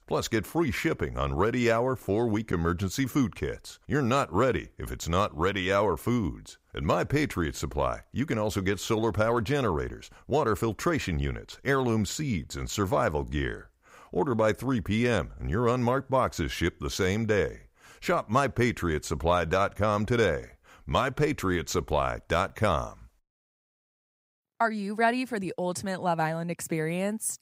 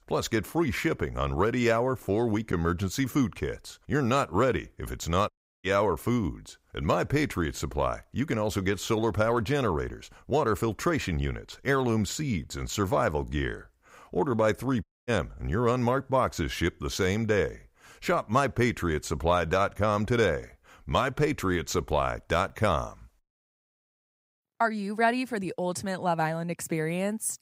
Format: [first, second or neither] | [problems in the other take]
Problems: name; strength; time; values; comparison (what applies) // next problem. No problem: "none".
first | audio cutting out; at 5.5 s and at 15 s